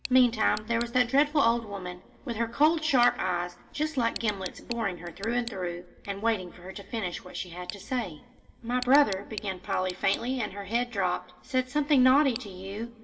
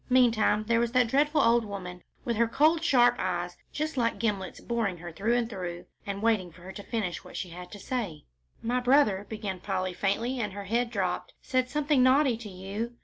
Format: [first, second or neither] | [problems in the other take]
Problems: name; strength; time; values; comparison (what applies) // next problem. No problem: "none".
second | background sound (Tick); 19 dB below the speech // room echo; dies away in 0.6 s